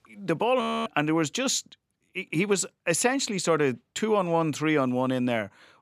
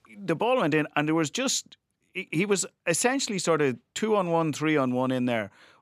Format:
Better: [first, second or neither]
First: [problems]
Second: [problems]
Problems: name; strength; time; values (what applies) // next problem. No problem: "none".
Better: second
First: audio freezing; at 0.5 s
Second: none